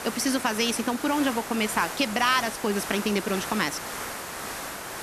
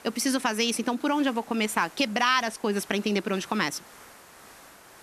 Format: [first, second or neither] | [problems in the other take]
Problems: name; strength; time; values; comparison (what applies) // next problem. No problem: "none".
second | hiss; loud; throughout; 8 dB below the speech; faint in the second